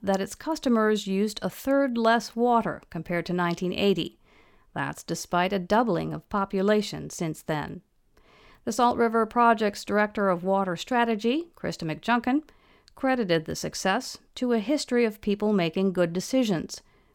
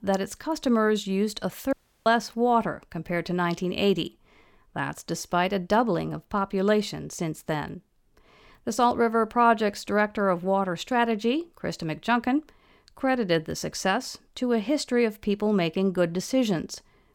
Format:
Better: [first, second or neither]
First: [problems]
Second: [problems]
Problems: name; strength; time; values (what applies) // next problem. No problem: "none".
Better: first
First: none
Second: audio cutting out; at 1.5 s